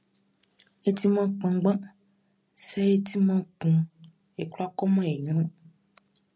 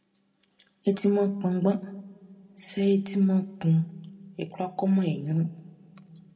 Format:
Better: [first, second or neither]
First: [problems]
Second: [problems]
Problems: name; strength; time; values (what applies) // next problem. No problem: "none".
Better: first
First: none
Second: room echo; dies away in 1 s